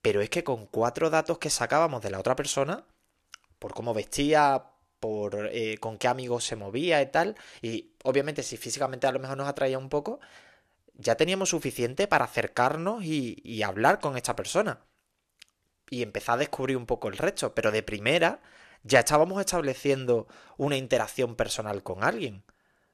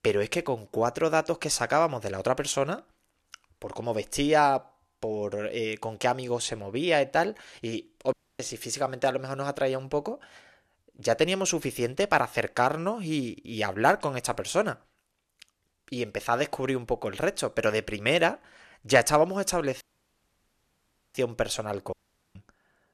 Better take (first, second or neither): first